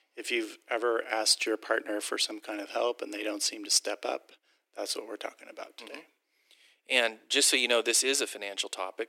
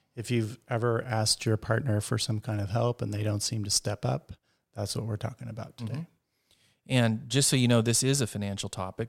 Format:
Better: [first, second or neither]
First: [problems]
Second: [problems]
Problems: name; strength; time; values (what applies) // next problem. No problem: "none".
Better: second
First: thin; very; fading below 300 Hz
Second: none